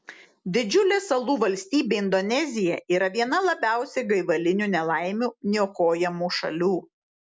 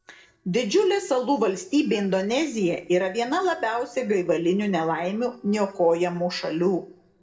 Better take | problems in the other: first | noise reduction (neural separator model SepFormer DNS4)

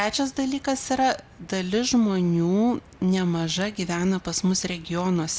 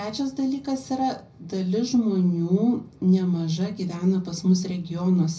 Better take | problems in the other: first | room echo; dies away in 0.4 s

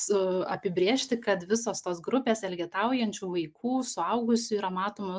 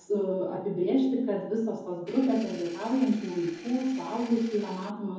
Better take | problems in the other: first | background sound (Engine); 20 dB below the speech // room echo; dies away in 0.9 s

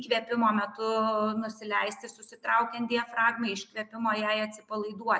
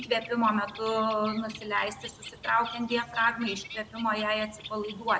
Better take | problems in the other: first | background sound (Bird); 15 dB below the speech

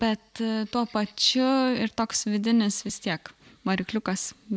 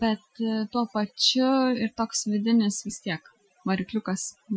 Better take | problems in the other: first | noise reduction (classical method Wiener filter)

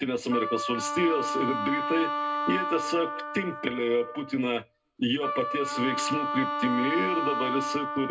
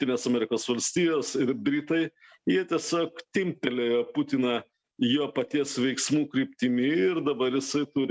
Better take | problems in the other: second | background sound (Wind instrument, woodwind instrument); 2 dB below the speech // room echo; dies away in 0.2 s

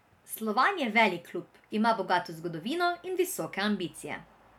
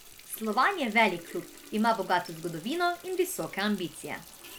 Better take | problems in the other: first | background sound (Water tap, faucet); 19 dB below the speech

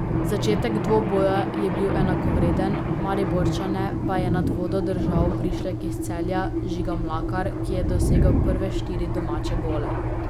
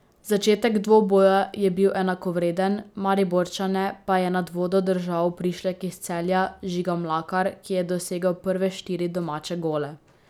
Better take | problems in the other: second | background sound (Engine + Thunder); 4 dB above the speech

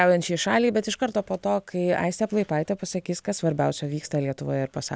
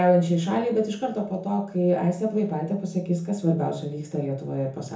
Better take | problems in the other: first | room echo; dies away in 0.6 s

